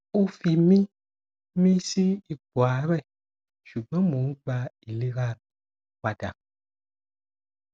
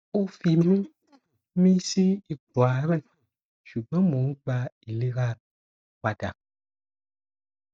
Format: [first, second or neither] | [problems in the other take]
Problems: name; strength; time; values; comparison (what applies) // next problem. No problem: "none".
first | noise reduction (neural mask model DeepFilterNet 3)